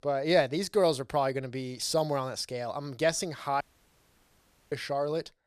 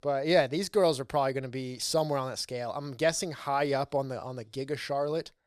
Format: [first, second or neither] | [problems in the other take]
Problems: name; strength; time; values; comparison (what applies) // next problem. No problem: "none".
second | audio cutting out; at 3.5 s for 1 s